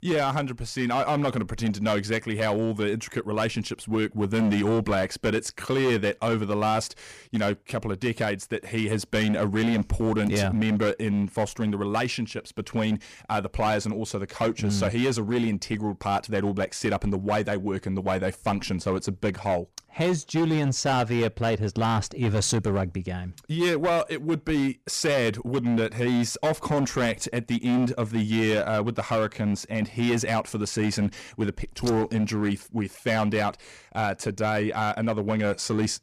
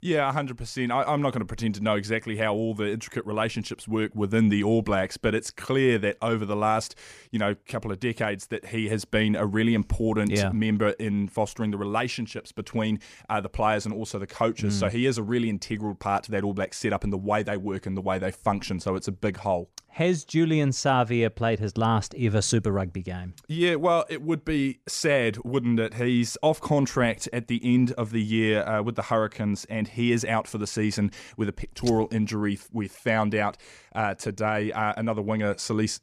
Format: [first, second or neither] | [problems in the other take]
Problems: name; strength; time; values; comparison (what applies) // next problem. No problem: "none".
second | distortion; slight; 10% of the sound clipped